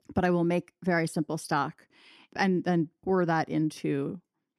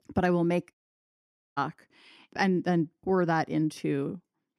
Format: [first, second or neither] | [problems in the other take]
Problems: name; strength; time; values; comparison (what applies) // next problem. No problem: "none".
first | audio cutting out; at 0.5 s for 1 s